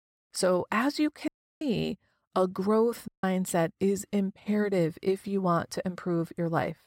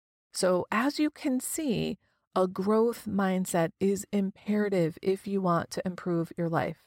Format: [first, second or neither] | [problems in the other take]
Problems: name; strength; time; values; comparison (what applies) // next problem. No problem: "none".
second | audio cutting out; at 1.5 s and at 3 s